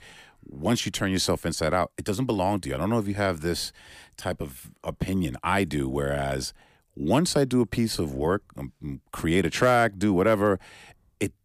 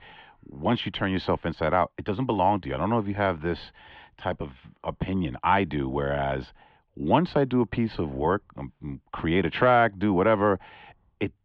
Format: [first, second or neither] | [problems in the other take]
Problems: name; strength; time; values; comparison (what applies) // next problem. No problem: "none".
first | muffled; very; fading above 3.5 kHz